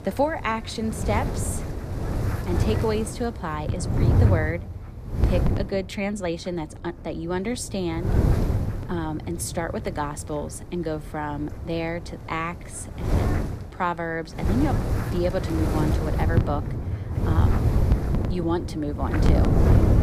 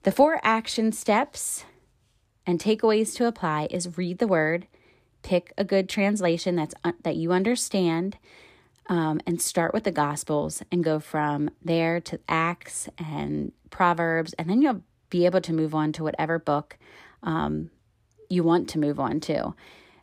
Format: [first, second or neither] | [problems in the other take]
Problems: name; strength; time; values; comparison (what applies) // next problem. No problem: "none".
second | wind noise on the microphone; heavy; 3 dB below the speech